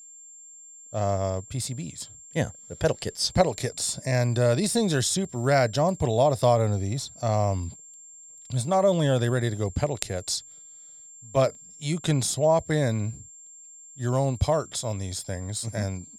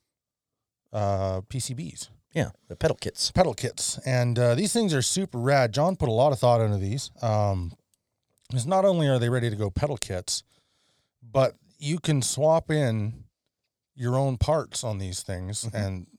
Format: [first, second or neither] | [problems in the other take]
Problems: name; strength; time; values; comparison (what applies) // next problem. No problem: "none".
second | high-pitched whine; noticeable; throughout; 7.5 kHz, 20 dB below the speech